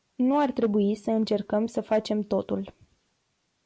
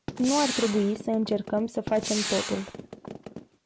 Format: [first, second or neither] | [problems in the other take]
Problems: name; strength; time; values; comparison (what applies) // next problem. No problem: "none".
first | background sound (Gunshot, gunfire); 7 dB below the speech